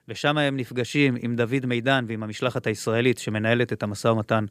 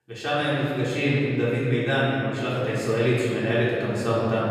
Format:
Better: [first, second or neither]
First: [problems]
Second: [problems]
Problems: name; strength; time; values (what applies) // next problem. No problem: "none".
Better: first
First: none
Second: room echo; strong; dies away in 2.3 s // off-mic speech; far